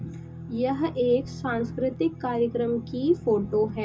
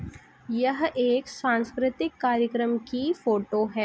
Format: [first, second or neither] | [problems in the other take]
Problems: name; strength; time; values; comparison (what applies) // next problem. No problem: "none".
second | background sound (Guitar); 12 dB below the speech // room echo; dies away in 0.2 s